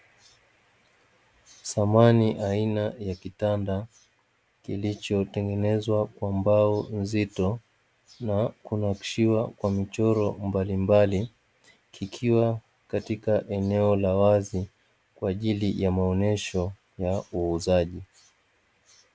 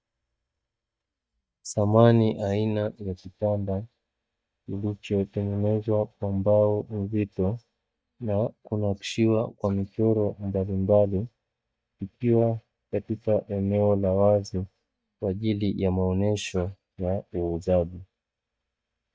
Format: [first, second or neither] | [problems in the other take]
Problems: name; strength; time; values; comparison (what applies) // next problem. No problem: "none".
first | noise reduction (neural mask model DeepFilterNet 3)